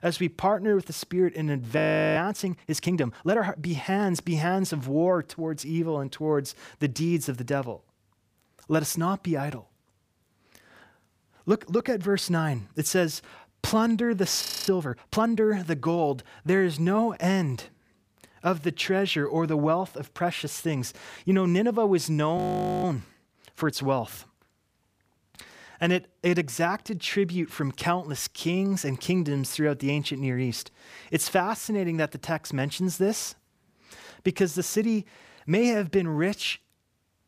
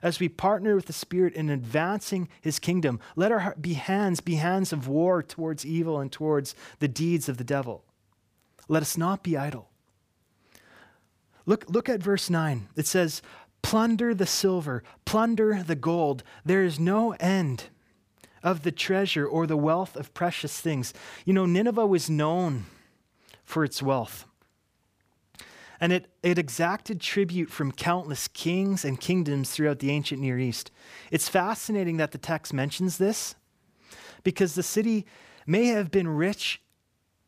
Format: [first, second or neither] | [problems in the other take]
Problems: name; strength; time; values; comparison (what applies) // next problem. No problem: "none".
second | audio freezing; at 2 s, at 14 s and at 22 s